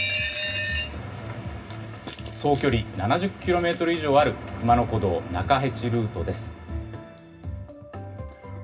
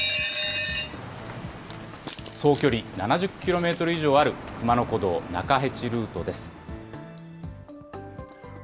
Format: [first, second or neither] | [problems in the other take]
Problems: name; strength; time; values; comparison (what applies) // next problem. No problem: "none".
second | room echo; dies away in 0.4 s